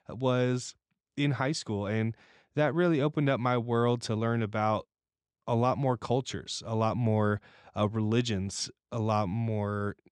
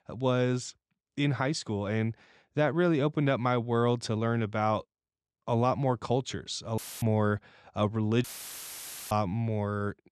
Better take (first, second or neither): first